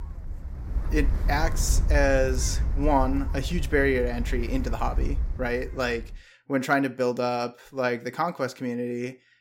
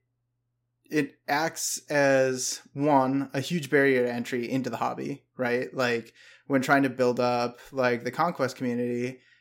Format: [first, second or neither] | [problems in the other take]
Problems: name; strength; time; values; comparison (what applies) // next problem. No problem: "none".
second | wind noise on the microphone; occasional gusts; until 6 s; 15 dB below the speech